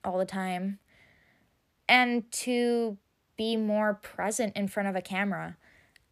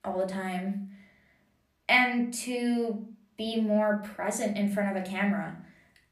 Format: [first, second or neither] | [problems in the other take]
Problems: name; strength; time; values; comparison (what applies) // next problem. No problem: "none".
first | room echo; very slight; dies away in 0.3 s // off-mic speech; somewhat distant